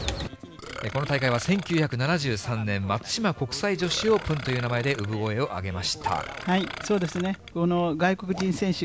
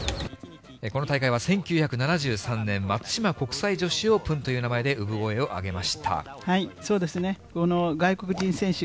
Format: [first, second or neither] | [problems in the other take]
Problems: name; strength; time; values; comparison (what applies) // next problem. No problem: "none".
second | background sound (Burping, eructation); 13 dB below the speech